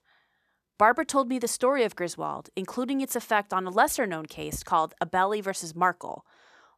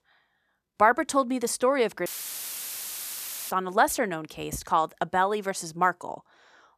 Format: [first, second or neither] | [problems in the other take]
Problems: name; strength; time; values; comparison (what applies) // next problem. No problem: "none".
first | audio cutting out; filled with static; at 2 s for 1.5 s